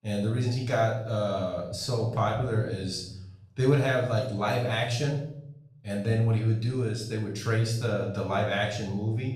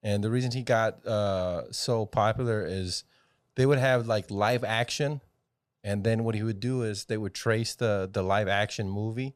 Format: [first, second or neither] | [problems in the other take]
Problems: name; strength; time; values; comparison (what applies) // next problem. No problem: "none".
second | off-mic speech; far // room echo; noticeable; dies away in 0.7 s